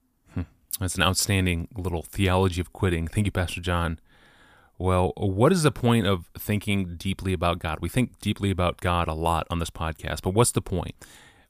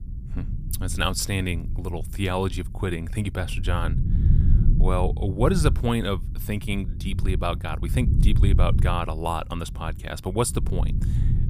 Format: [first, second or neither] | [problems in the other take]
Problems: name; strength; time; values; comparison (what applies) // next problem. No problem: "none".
first | low rumble; noticeable; throughout; 10 dB below the speech